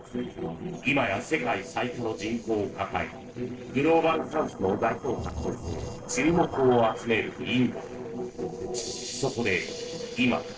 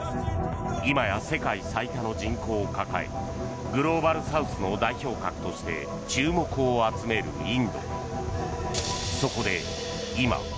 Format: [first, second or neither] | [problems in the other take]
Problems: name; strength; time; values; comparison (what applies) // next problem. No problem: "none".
second | noise reduction (neural separator model SepFormer DNS4)